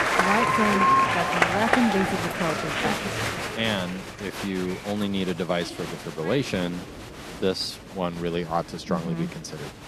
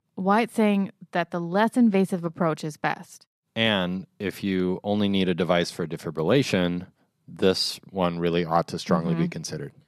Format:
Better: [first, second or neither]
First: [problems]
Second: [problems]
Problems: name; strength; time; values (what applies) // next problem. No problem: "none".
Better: second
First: crowd noise; very loud; throughout; 3 dB above the speech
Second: none